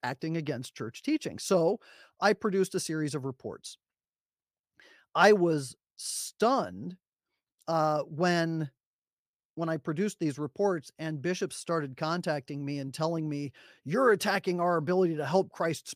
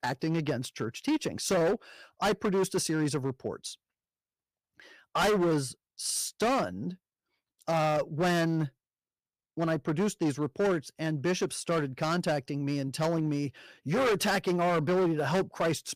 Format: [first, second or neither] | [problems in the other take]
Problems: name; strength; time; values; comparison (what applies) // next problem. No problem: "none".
first | distortion; heavy; 11% of the sound clipped